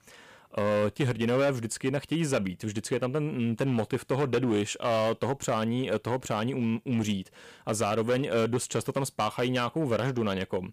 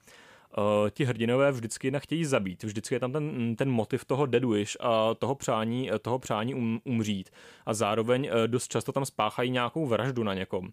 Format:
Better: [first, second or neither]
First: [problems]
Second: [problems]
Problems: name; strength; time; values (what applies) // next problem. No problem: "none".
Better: second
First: distortion; slight; 8% of the sound clipped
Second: none